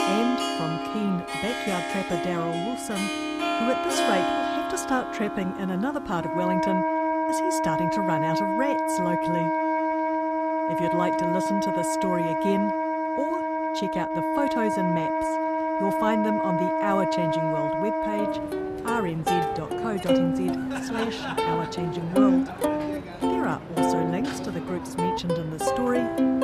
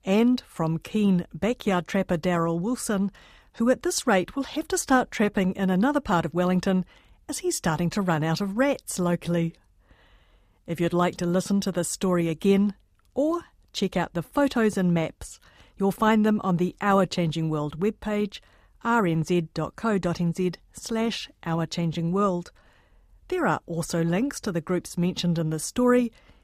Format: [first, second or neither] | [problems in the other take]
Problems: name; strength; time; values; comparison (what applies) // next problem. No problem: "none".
second | background music; very loud; throughout; 4 dB above the speech